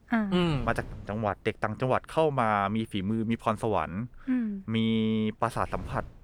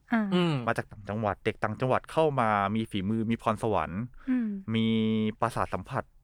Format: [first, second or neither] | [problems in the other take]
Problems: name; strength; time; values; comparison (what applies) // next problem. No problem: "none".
second | wind noise on the microphone; occasional gusts; 25 dB below the speech